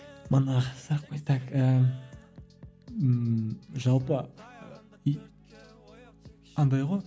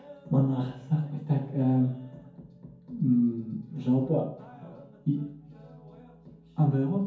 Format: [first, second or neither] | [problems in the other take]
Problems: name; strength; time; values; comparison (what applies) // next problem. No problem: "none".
first | room echo; dies away in 0.6 s